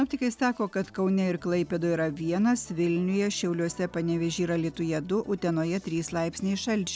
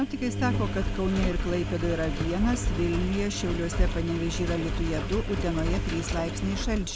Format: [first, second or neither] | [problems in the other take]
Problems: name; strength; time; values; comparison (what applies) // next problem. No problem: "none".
first | background sound (Engine); as loud as the speech